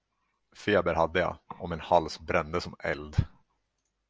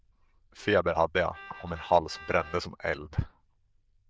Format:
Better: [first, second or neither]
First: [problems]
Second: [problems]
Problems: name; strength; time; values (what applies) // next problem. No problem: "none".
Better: first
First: none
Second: noise reduction (neural diffusion model UNIVERSE++)